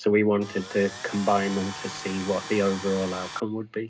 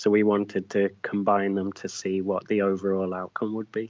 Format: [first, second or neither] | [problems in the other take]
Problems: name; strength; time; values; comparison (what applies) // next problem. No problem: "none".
second | background sound (Tools); 12 dB below the speech // room echo; dies away in 0.2 s